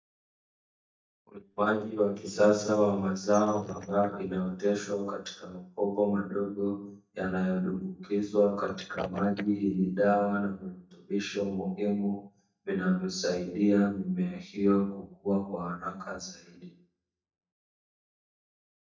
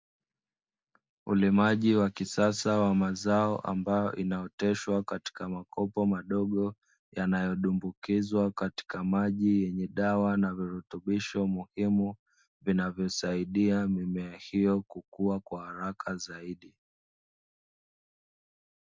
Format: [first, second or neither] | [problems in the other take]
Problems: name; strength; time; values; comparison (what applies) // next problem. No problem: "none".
second | noise reduction (neural mask model DeepFilterNet 3)